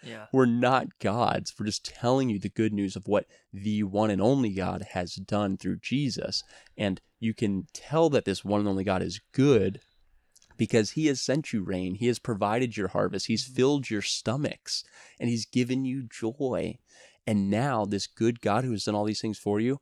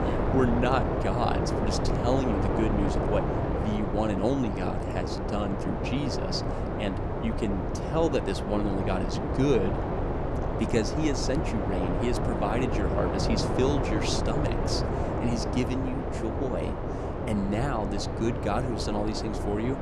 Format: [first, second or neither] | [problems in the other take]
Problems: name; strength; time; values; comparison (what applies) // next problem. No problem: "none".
first | wind noise on the microphone; heavy; as loud as the speech